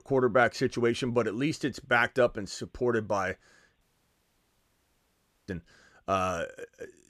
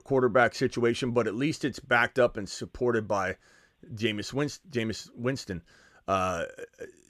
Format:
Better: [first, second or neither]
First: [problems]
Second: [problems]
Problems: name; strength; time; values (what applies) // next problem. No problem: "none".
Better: second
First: audio cutting out; at 4 s for 1.5 s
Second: none